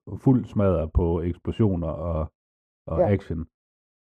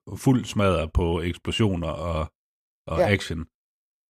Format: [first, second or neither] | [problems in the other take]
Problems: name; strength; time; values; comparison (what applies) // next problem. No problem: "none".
second | muffled; very; fading above 1.5 kHz